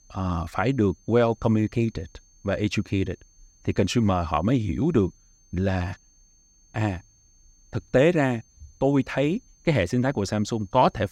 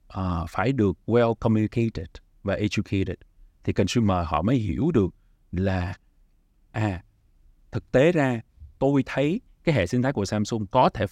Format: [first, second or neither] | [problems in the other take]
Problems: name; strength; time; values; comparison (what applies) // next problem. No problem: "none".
second | high-pitched whine; faint; throughout; 6.5 kHz, 35 dB below the speech